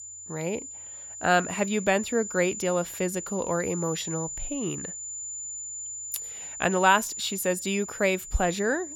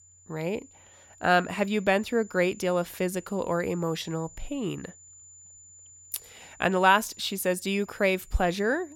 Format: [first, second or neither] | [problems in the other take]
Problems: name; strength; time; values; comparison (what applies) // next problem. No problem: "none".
second | high-pitched whine; loud; throughout; 7 kHz, 7 dB below the speech; faint in the second